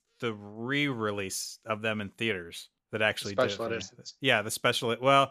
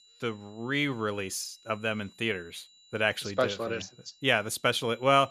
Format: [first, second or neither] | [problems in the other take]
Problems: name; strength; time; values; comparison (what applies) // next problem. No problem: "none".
first | high-pitched whine; faint; throughout; 4 kHz, 25 dB below the speech